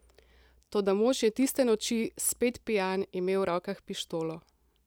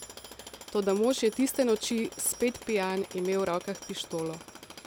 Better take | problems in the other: first | background sound (Tools); 16 dB below the speech

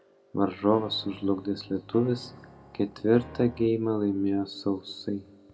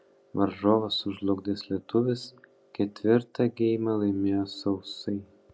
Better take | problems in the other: second | background sound (Piano); 19 dB below the speech // room echo; dies away in 0.7 s

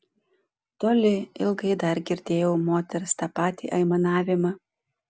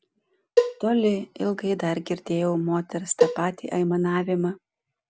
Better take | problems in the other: first | background sound (Cowbell); 2 dB below the speech

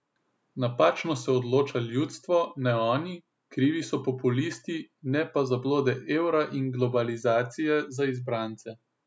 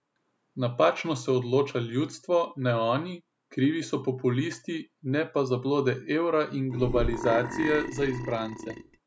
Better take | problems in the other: first | background sound (Burping, eructation); 6 dB below the speech

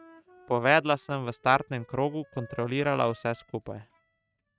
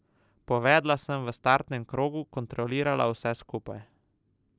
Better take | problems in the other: second | noise reduction (neural mask model RNNoise)

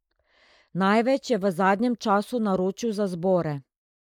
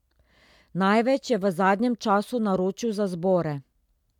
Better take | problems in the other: second | noise reduction (neural mask model Resemble Enhance denoiser)

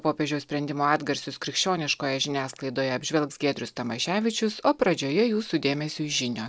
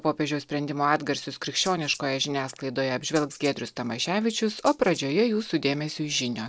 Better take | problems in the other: first | background sound (Rattle (instrument)); 19 dB below the speech

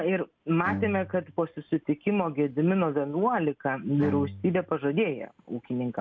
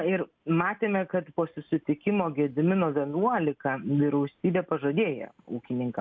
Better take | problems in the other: second | background sound (Bowed string instrument); 12 dB below the speech

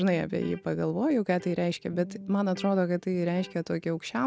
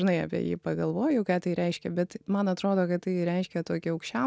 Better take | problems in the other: second | background sound (Electric guitar); 18 dB below the speech

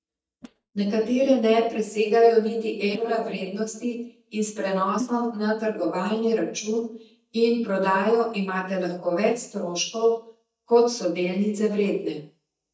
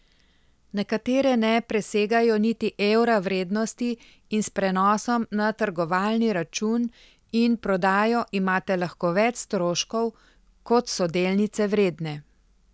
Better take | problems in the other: second | noise reduction (neural mask model DeepFilterNet 3)

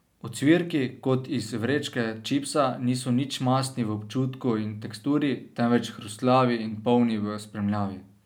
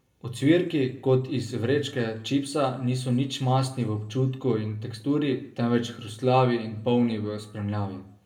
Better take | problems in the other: first | room echo; dies away in 0.7 s

